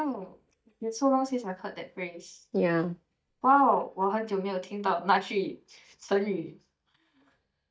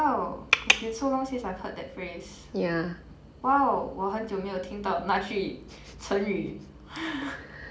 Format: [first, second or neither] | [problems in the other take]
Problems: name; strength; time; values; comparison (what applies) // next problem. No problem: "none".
second | noise reduction (neural mask model DeepFilterNet 3)